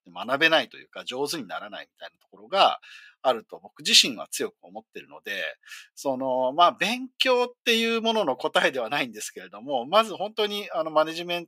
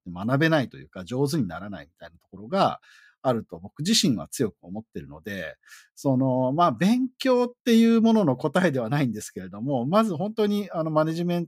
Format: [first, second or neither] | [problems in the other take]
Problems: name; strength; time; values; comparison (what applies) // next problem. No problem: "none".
second | thin; somewhat; fading below 500 Hz